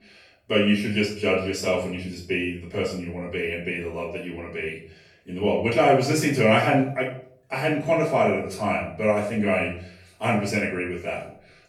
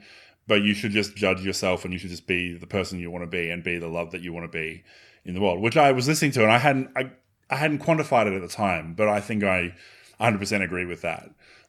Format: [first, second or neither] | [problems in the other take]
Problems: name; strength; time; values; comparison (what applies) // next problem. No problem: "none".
second | room echo; noticeable; dies away in 0.4 s // off-mic speech; far